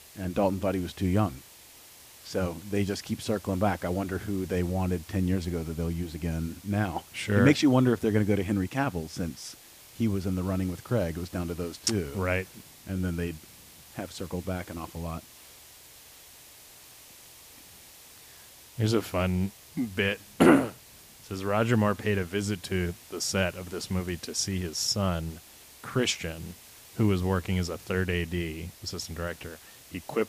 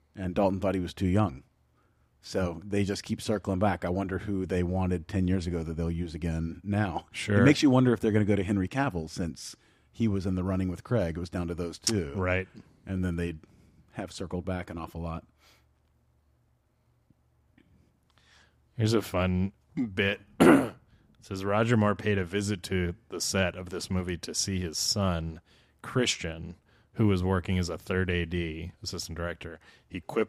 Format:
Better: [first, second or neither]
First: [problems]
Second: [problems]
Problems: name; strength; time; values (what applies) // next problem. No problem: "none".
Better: second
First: hiss; noticeable; throughout; 20 dB below the speech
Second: none